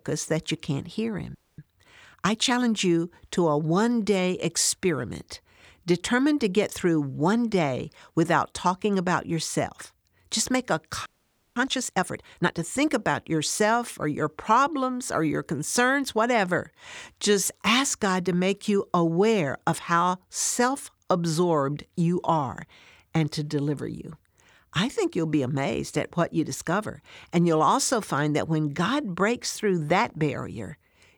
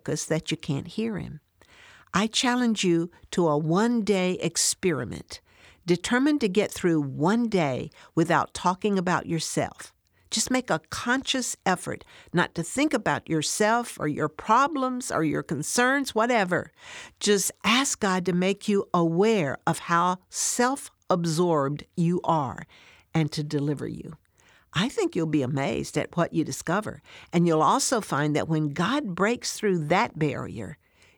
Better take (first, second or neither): second